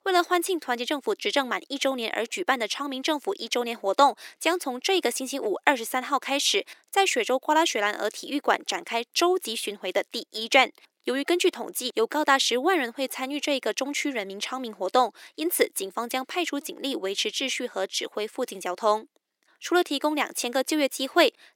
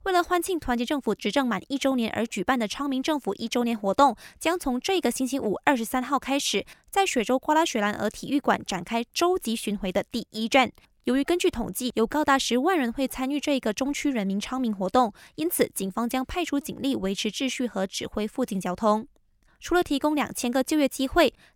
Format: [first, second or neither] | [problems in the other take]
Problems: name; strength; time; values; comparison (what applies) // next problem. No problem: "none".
second | thin; somewhat; fading below 350 Hz